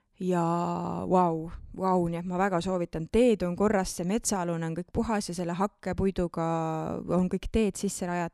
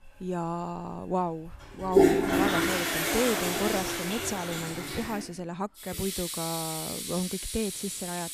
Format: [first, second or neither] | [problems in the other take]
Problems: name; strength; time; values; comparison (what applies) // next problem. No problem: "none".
first | household noises; very loud; throughout; 4 dB above the speech